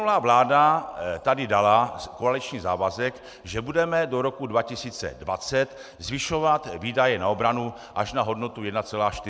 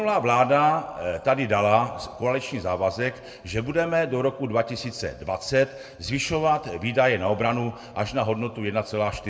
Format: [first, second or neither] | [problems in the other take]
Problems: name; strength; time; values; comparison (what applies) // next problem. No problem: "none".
first | room echo; dies away in 0.7 s